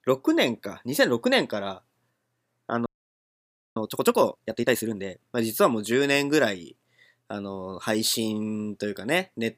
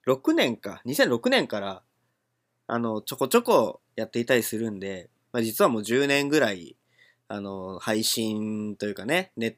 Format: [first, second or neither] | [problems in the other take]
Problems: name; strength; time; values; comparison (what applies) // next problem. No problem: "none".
second | audio freezing; at 3 s for 1 s